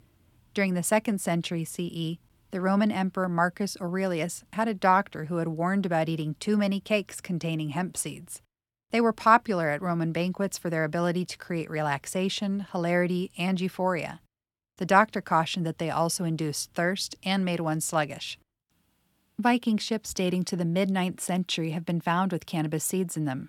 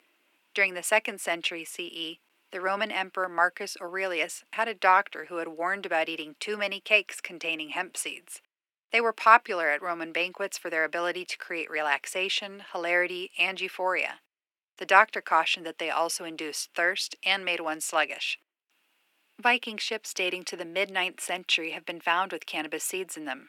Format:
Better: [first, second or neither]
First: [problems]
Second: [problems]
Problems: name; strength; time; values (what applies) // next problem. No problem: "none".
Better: first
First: none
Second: thin; very; fading below 350 Hz